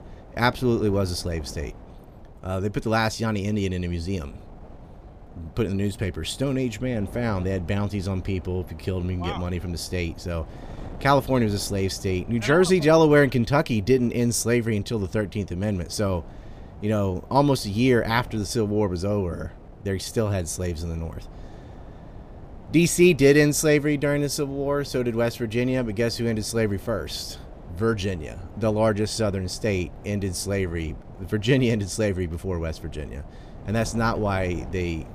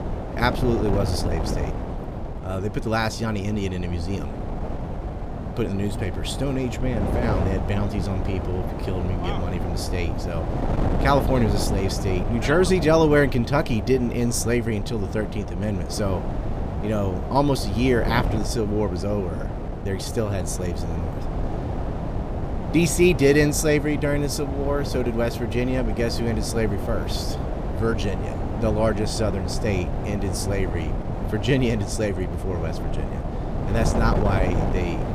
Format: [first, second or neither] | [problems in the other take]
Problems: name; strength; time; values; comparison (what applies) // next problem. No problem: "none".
first | wind noise on the microphone; heavy; 7 dB below the speech; occasional gusts in the first